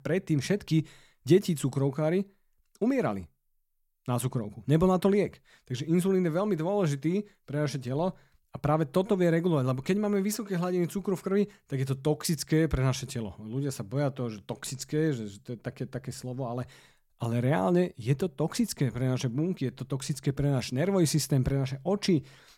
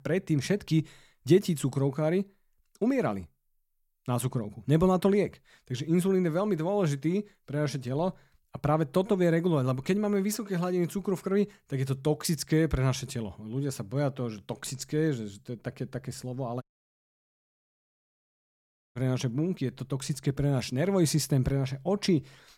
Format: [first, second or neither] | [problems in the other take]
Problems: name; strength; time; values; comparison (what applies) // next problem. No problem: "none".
first | audio cutting out; at 17 s for 2.5 s